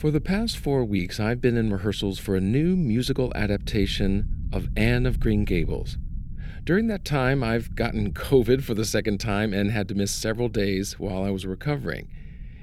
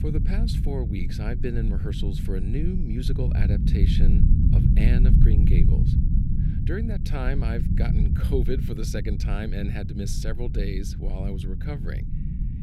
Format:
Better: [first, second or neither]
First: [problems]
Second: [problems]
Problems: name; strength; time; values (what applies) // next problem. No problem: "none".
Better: first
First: low rumble; faint; throughout; 25 dB below the speech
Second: low rumble; loud; throughout; 2 dB below the speech